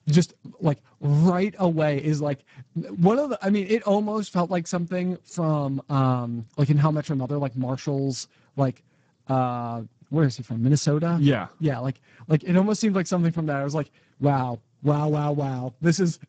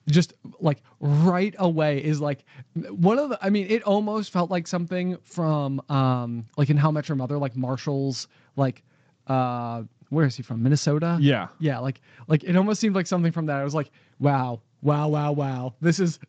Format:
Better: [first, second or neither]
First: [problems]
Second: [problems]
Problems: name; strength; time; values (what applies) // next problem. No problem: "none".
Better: second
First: garbled, watery; badly; nothing above 8 kHz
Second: garbled, watery; slightly; nothing above 7.5 kHz